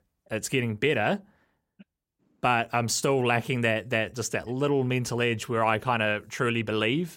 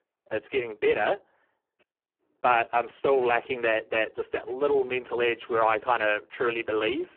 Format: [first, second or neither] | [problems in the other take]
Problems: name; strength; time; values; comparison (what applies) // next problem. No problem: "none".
first | phone-call audio; poor line